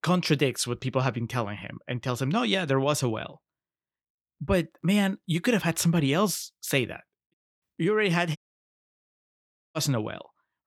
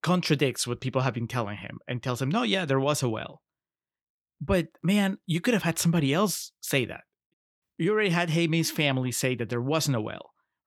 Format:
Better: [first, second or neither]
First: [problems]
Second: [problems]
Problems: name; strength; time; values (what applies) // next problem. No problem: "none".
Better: second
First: audio cutting out; at 8.5 s for 1.5 s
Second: none